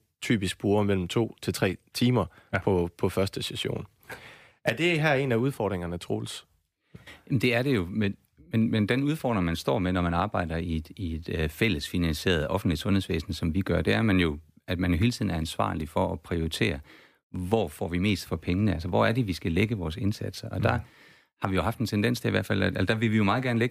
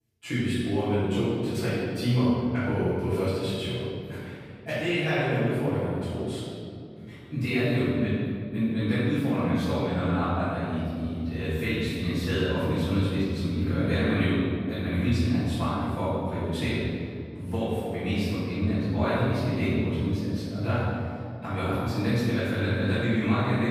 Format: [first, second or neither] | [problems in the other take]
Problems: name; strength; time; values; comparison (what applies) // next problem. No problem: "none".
first | off-mic speech; far // room echo; strong; dies away in 2.4 s